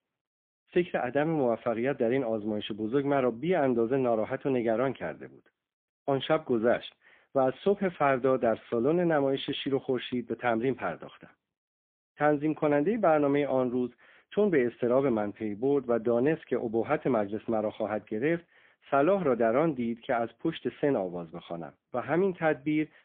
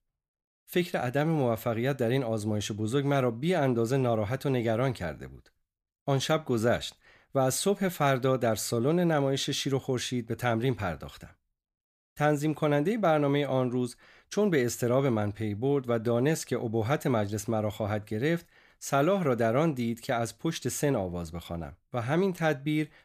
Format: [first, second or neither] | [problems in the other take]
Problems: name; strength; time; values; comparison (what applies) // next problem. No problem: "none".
second | phone-call audio; poor line; nothing above 3.5 kHz